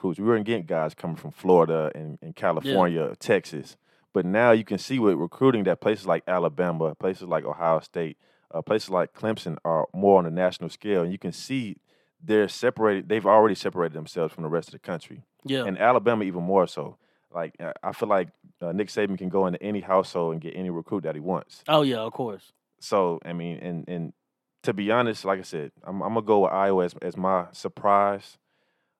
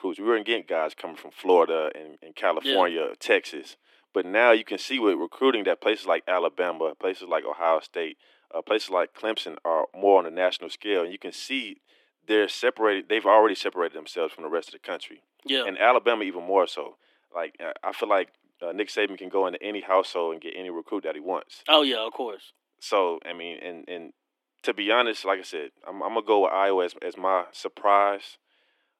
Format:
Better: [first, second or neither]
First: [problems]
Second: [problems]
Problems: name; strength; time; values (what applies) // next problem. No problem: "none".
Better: first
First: none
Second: thin; somewhat; fading below 300 Hz